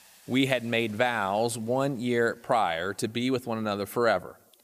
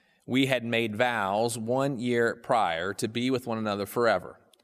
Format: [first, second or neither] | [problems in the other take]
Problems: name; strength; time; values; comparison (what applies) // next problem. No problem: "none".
second | hiss; faint; throughout; 30 dB below the speech